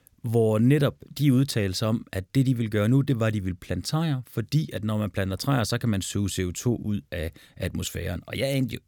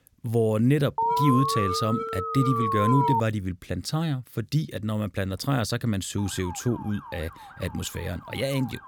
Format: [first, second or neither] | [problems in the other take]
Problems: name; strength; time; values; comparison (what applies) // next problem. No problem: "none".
first | alarm; loud; from 1 to 3 s; peak 3 dB above the speech // siren; faint; from 6 s on; peak 15 dB below the speech